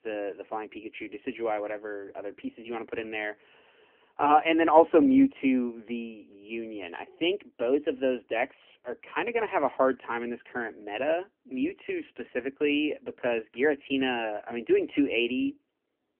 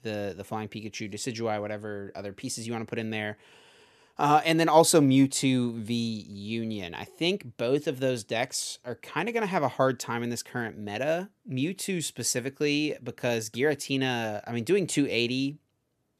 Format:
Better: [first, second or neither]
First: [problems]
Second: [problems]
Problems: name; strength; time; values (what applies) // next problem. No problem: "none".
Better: second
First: phone-call audio; poor line; nothing above 3 kHz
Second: none